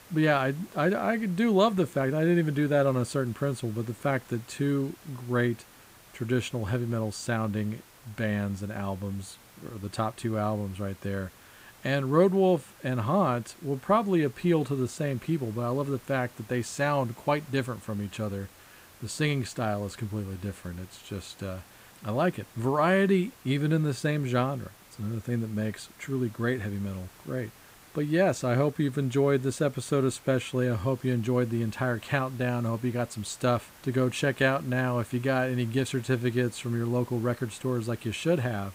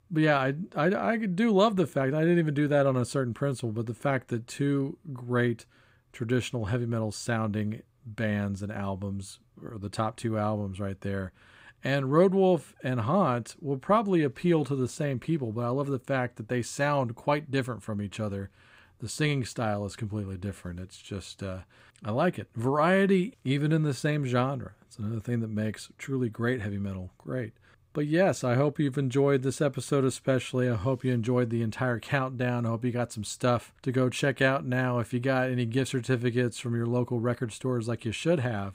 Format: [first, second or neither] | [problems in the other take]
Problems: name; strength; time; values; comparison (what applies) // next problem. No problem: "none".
second | hiss; faint; throughout; 25 dB below the speech